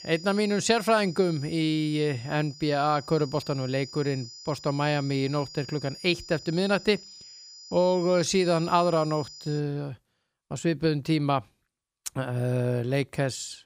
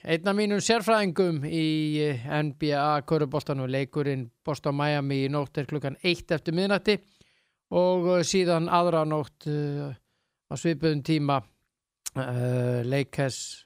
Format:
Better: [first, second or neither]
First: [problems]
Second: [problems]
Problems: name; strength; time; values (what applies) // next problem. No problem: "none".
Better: second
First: high-pitched whine; noticeable; until 9.5 s; 5 kHz, 15 dB below the speech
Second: none